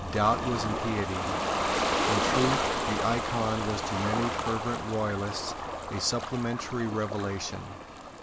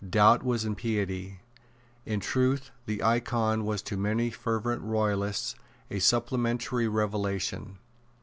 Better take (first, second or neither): second